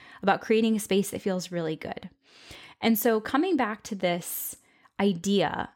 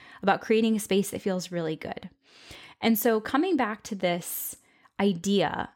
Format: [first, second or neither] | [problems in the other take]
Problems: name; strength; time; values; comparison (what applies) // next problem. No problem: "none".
neither | none